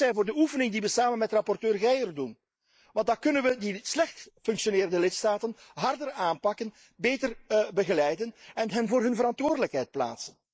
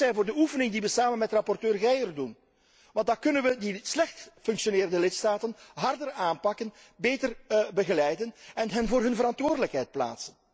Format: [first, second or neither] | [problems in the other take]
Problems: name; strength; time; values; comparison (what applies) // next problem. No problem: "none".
second | noise reduction (neural mask model Resemble Enhance denoiser)